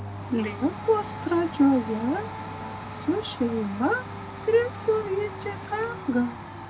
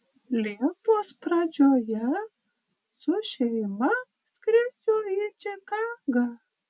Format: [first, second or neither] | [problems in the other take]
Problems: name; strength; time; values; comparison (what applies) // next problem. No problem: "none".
second | background sound (Domestic sounds, home sounds); 10 dB below the speech